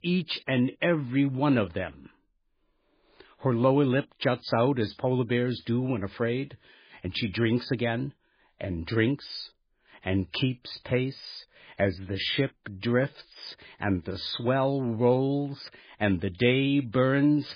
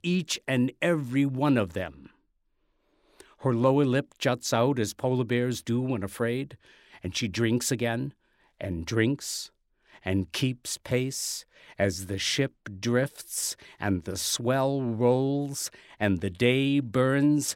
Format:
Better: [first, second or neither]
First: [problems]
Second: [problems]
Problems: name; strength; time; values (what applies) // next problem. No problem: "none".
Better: second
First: garbled, watery; badly; nothing above 5 kHz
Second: none